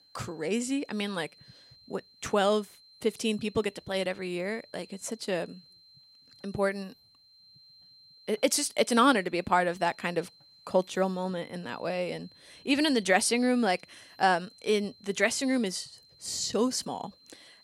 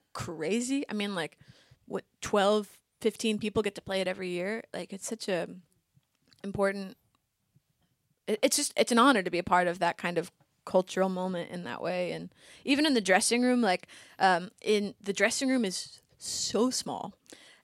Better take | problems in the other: second | high-pitched whine; faint; throughout; 4 kHz, 25 dB below the speech

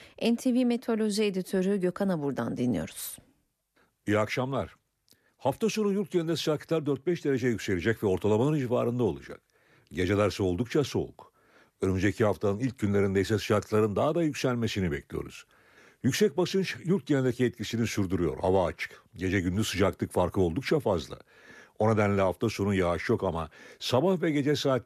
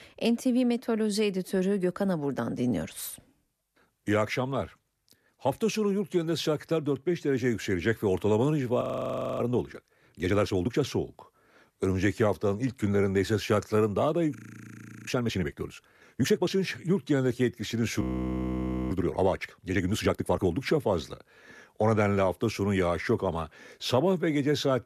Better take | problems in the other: first | audio freezing; at 9 s for 0.5 s, at 14 s for 0.5 s and at 18 s for 1 s

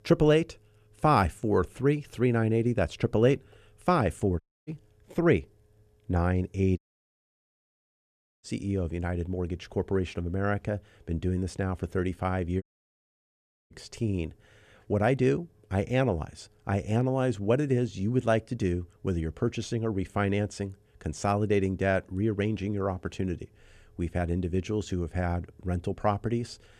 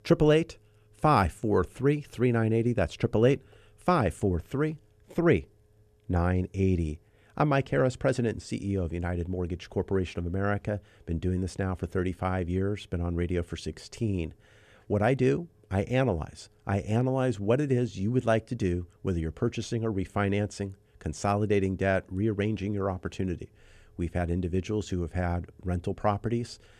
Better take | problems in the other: second | audio cutting out; at 4.5 s, at 7 s for 1.5 s and at 13 s for 1 s

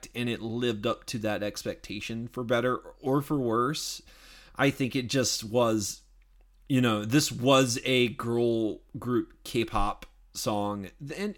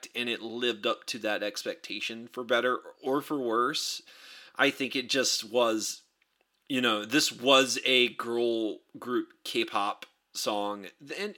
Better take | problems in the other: first | thin; very slightly; fading below 350 Hz

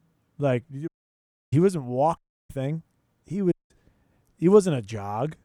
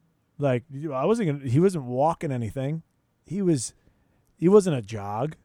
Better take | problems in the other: second | audio cutting out; at 1 s for 0.5 s, at 2 s and at 3.5 s

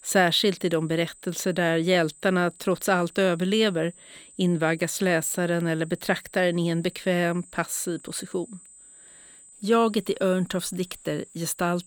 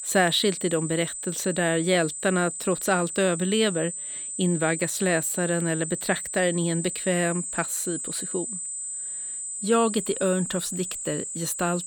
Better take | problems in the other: first | high-pitched whine; loud; throughout; 8 kHz, 5 dB below the speech; faint in the first

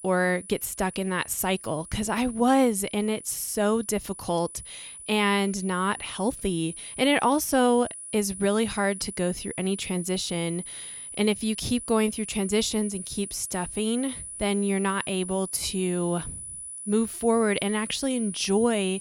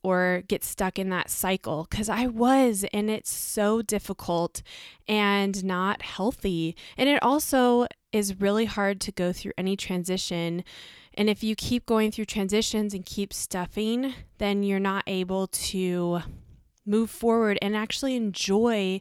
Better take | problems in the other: second | high-pitched whine; noticeable; throughout; 10 kHz, 10 dB below the speech

